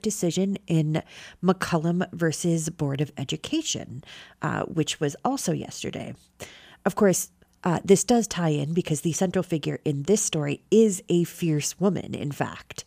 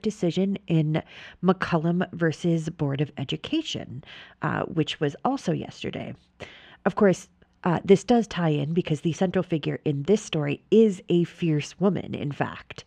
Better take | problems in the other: first | muffled; slightly; fading above 3 kHz

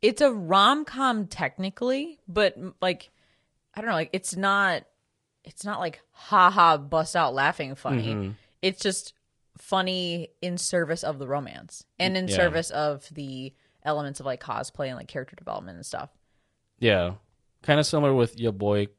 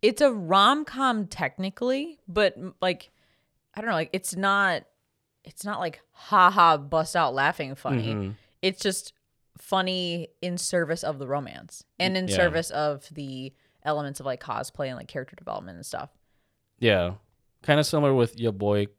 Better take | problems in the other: second | garbled, watery; slightly; nothing above 10.5 kHz

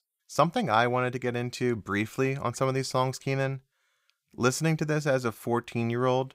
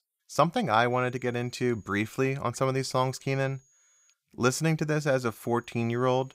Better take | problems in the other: first | high-pitched whine; faint; from 1 to 2 s, from 3 to 4 s and from 5 s on; 6.5 kHz, 35 dB below the speech

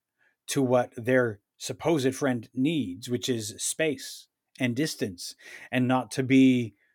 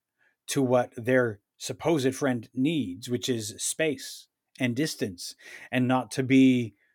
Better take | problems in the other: neither | none

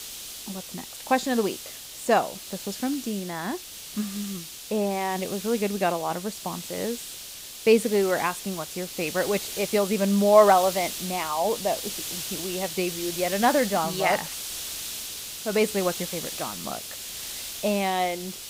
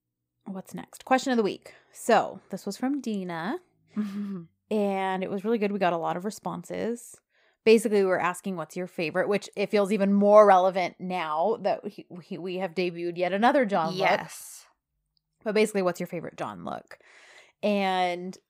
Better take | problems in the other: second | hiss; loud; throughout; 8 dB below the speech

